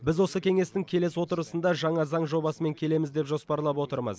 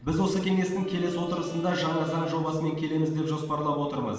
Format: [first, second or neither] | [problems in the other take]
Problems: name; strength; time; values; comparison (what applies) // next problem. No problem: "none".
first | background sound (Bowed string instrument); 19 dB below the speech // room echo; dies away in 1.1 s